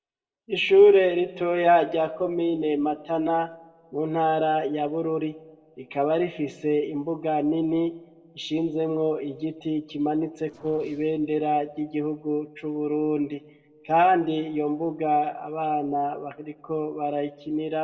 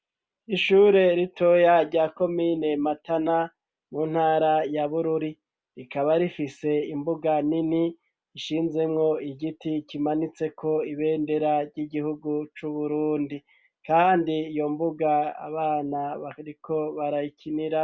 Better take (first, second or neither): second